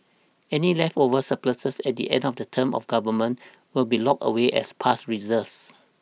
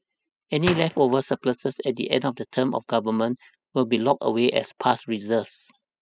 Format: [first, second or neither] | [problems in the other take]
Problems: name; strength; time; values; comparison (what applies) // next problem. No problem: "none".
first | noise reduction (classical method spectral subtraction)